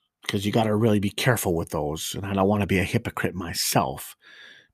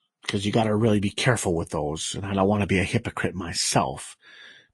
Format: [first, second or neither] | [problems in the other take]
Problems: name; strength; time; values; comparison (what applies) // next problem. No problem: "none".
first | garbled, watery; slightly; nothing above 11 kHz